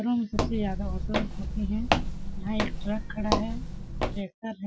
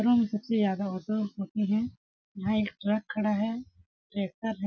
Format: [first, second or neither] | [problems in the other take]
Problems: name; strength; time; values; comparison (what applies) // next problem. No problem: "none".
second | background sound (Walk, footsteps); 3 dB above the speech